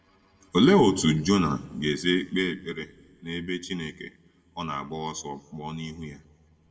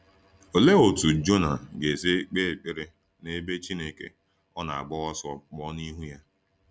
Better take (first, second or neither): second